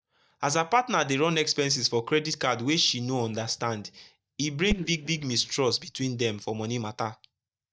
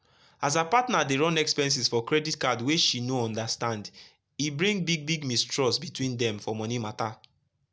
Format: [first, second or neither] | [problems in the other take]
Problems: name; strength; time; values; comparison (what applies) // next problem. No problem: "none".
second | noise reduction (neural mask model DeepFilterNet 3)